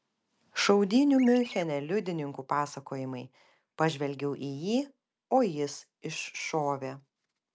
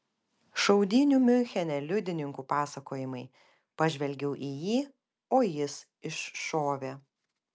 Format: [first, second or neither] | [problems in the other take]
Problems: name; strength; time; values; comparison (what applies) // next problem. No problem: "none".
second | background sound (Chirp, tweet); 14 dB below the speech